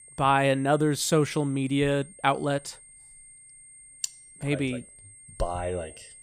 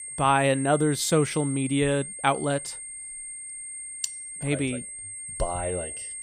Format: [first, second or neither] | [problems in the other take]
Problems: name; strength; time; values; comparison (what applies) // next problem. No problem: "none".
first | high-pitched whine; loud; throughout; 8.5 kHz, 9 dB below the speech; faint in the first